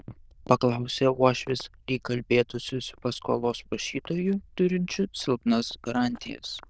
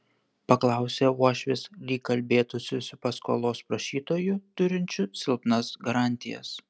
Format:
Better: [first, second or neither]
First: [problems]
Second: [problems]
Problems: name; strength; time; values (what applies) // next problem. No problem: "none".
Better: second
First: noise reduction (neural diffusion model UNIVERSE++)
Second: none